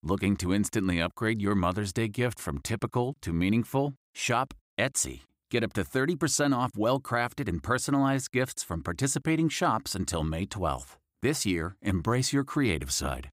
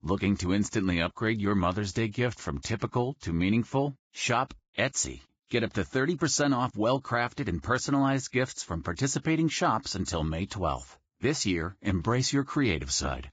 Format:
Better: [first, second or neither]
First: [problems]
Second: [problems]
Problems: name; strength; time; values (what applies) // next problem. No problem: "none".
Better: first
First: none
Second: garbled, watery; badly; nothing above 7.5 kHz